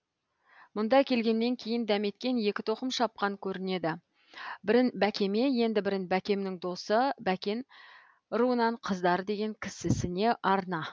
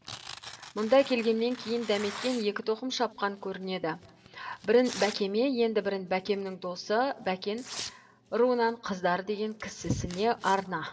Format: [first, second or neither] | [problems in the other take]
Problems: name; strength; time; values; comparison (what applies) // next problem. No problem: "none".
first | background sound (Tearing); 17 dB below the speech // room echo; dies away in 0.3 s